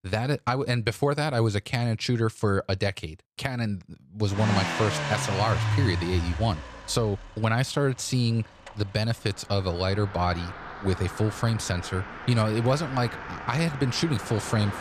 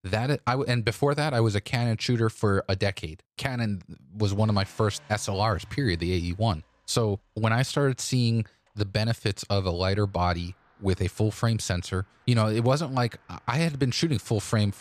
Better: second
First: traffic noise; loud; from 4.5 s on; 6 dB below the speech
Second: traffic noise; faint; from 4.5 s on; 30 dB below the speech

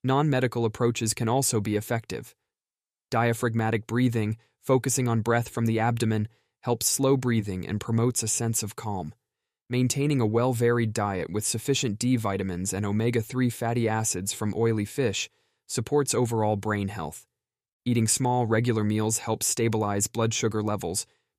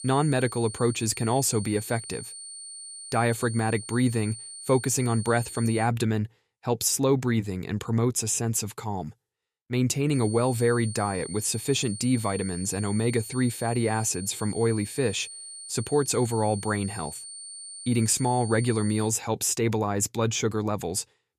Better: first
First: none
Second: high-pitched whine; noticeable; until 6 s and from 10 to 19 s; 9 kHz, 10 dB below the speech

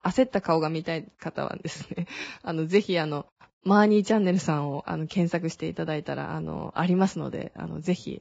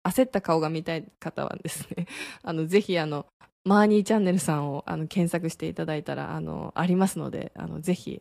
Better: second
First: garbled, watery; badly; nothing above 7.5 kHz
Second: garbled, watery; slightly; nothing above 15 kHz

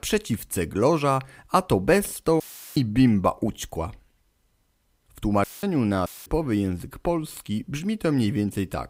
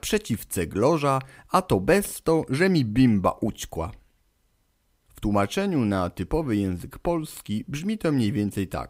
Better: second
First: audio cutting out; filled with static; at 2.5 s, at 5.5 s and at 6 s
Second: none

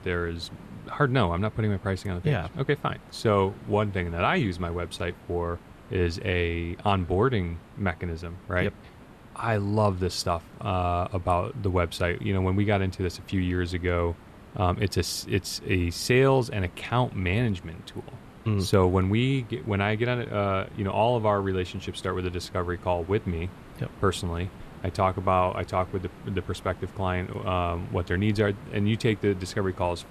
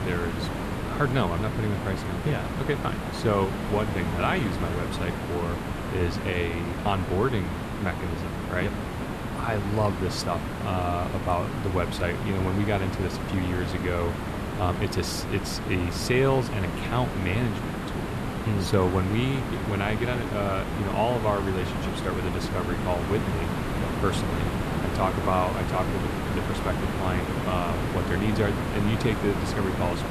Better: first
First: hiss; faint; throughout; 20 dB below the speech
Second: hiss; loud; throughout; 2 dB below the speech

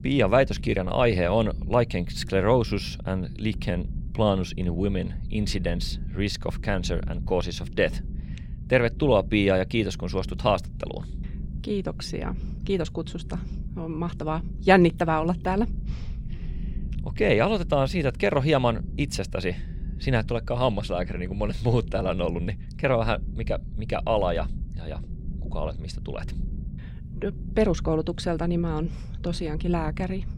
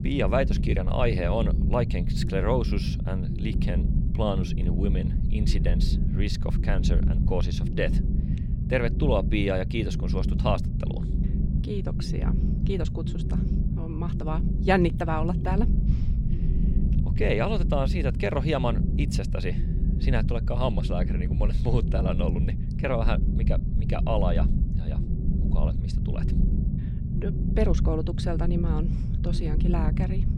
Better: first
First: low rumble; faint; throughout; 20 dB below the speech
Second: low rumble; loud; throughout; 8 dB below the speech

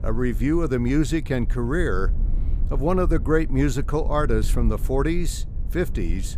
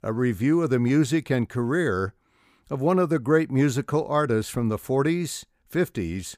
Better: second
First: low rumble; noticeable; throughout; 20 dB below the speech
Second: none

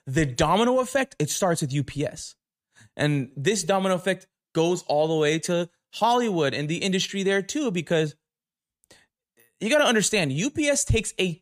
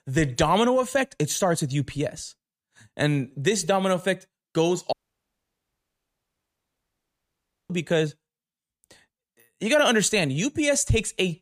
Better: first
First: none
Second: audio cutting out; at 5 s for 3 s

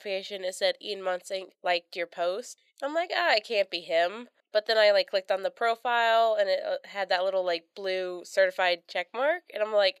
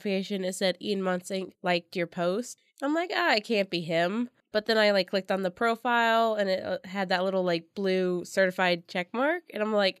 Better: second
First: thin; very; fading below 500 Hz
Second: none

